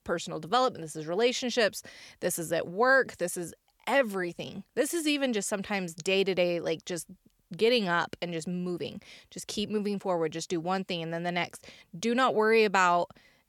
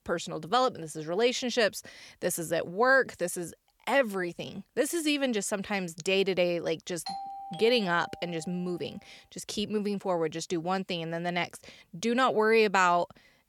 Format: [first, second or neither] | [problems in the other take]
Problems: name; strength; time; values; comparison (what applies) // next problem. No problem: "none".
first | doorbell; noticeable; from 7 to 8.5 s; peak 9 dB below the speech